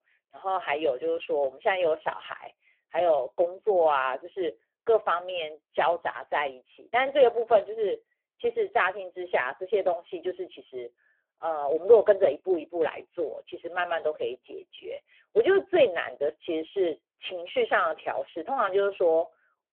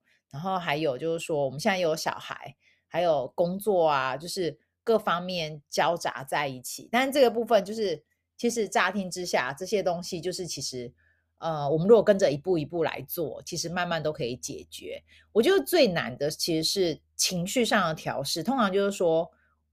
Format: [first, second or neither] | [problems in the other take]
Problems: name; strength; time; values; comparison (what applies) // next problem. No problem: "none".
second | phone-call audio; poor line